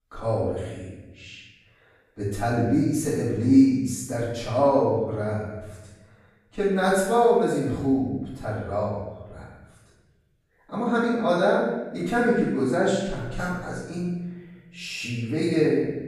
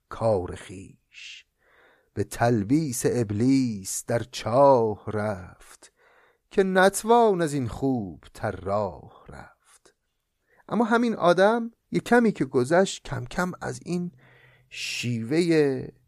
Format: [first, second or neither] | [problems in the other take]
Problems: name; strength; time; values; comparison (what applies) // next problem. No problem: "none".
second | off-mic speech; far // room echo; strong; dies away in 1.1 s